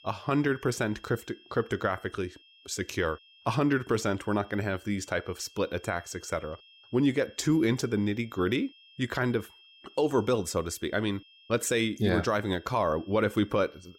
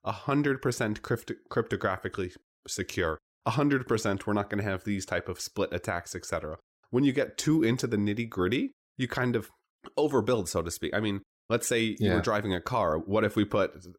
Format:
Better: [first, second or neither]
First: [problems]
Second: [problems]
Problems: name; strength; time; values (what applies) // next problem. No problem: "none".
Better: second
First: high-pitched whine; faint; throughout; 3 kHz, 25 dB below the speech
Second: none